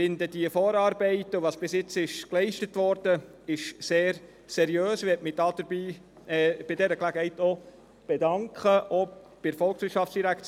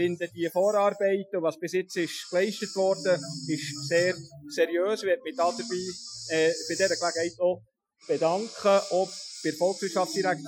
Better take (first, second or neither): first